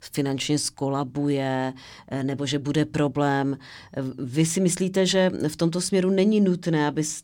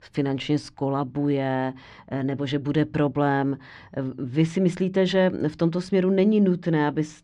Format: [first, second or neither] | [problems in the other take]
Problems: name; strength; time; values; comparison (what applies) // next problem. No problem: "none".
first | muffled; slightly; fading above 2.5 kHz